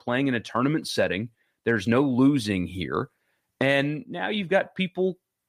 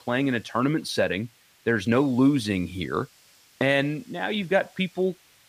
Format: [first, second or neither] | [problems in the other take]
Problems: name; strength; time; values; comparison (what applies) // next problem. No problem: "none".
first | hiss; faint; throughout; 30 dB below the speech